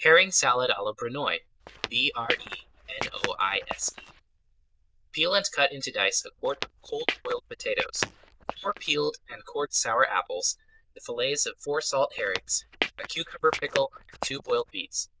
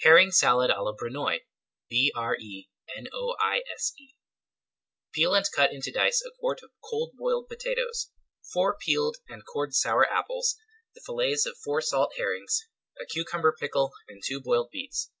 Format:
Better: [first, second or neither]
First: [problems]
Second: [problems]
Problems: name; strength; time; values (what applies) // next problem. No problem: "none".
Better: second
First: noise reduction (neural diffusion model UNIVERSE++)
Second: none